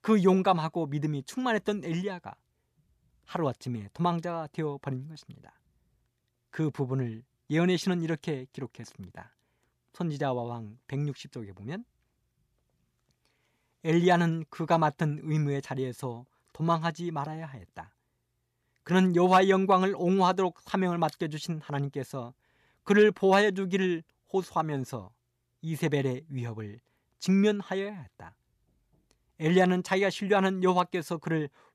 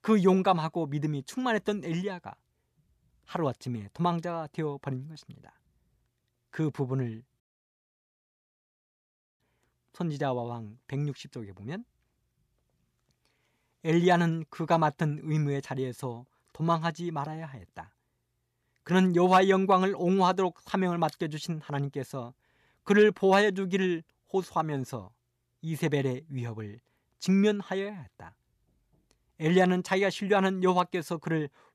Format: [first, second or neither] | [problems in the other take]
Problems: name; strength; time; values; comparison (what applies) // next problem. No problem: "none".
first | audio cutting out; at 7.5 s for 2 s